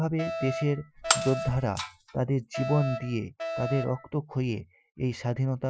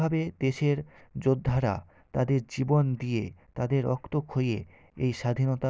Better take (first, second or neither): second